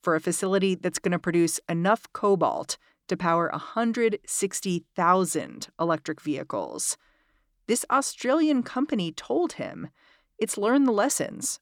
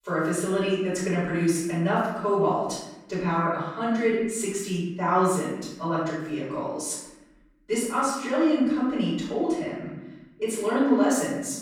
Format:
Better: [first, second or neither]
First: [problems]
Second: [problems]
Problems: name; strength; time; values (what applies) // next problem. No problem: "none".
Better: first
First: none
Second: off-mic speech; far // room echo; noticeable; dies away in 1 s